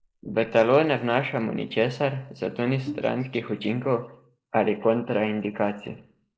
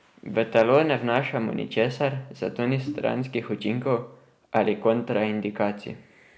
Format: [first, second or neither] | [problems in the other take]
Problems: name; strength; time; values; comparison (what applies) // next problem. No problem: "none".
second | noise reduction (neural mask model Resemble Enhance denoiser)